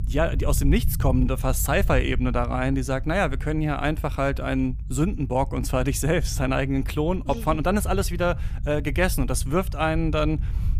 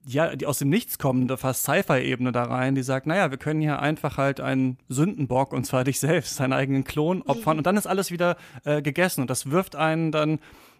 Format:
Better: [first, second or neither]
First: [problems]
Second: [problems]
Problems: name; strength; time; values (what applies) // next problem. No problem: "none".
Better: second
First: low rumble; faint; throughout; 20 dB below the speech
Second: none